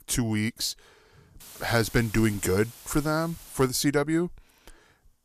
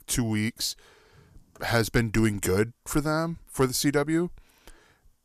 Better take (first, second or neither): second